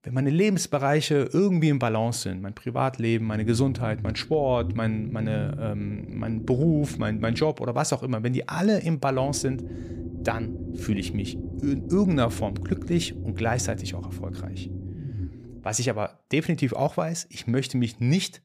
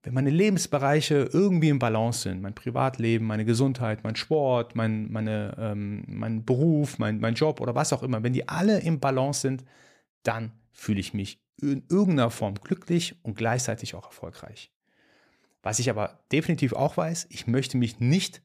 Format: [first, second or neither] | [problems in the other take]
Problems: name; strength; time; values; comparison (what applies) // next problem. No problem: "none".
second | low rumble; noticeable; from 3.5 to 7.5 s and from 9 to 16 s; 15 dB below the speech